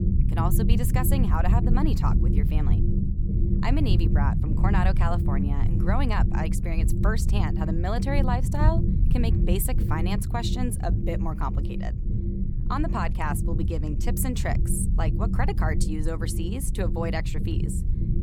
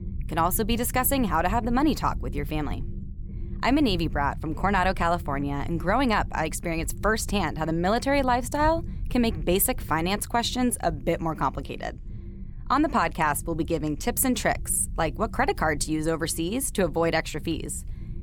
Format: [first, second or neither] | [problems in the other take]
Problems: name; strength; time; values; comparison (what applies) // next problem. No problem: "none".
second | low rumble; loud; throughout; 6 dB below the speech; faint in the second